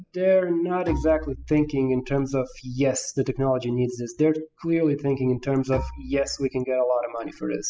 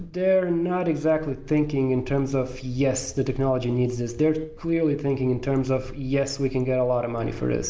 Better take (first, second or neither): second